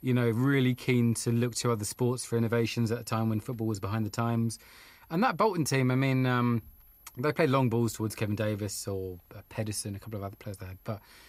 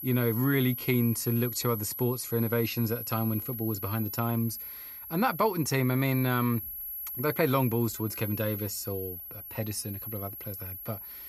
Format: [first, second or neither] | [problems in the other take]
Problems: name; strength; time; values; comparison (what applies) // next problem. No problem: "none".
first | high-pitched whine; loud; throughout; 11.5 kHz, 7 dB below the speech; faint in the first